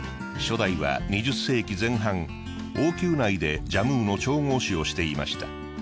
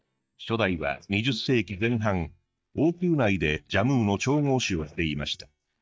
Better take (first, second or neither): first